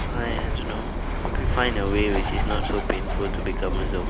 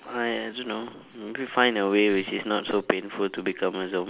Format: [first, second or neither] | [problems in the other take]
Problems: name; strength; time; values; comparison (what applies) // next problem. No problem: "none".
second | background sound (Bird); 4 dB above the speech